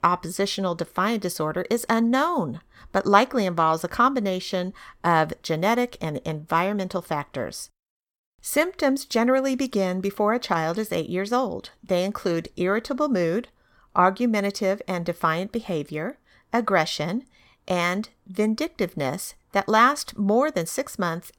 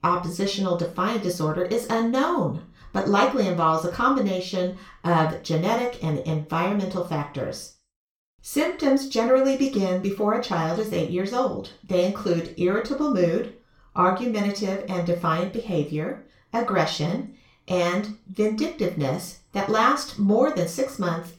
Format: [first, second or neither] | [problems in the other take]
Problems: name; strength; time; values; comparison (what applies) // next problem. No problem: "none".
first | room echo; slight; dies away in 0.3 s // off-mic speech; far